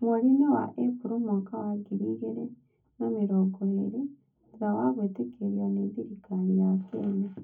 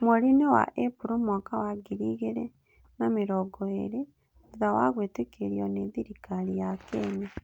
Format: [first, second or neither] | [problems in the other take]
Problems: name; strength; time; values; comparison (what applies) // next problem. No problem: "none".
second | room echo; dies away in 0.3 s